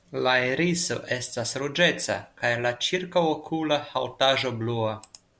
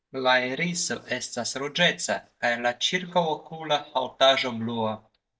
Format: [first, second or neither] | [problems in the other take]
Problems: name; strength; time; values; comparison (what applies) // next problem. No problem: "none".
first | noise reduction (neural mask model DeepFilterNet 3)